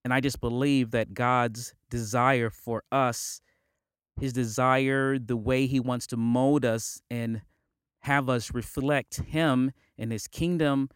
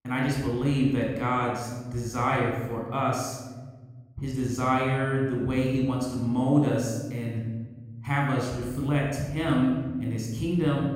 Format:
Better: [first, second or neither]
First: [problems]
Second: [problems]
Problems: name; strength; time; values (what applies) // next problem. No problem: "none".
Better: first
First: none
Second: off-mic speech; somewhat distant // room echo; noticeable; dies away in 1.7 s